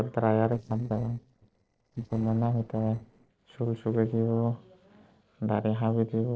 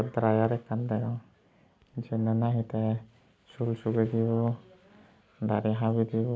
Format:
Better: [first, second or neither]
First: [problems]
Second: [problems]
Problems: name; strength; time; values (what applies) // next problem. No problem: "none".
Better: second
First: noise reduction (neural separator model SepFormer DNS4)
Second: none